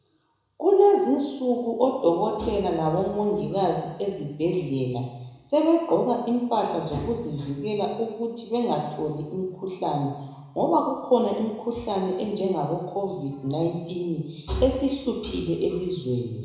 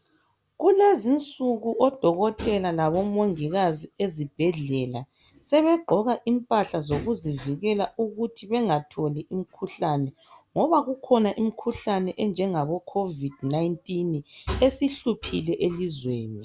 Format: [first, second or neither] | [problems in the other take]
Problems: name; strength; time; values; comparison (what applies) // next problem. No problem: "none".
second | room echo; dies away in 1 s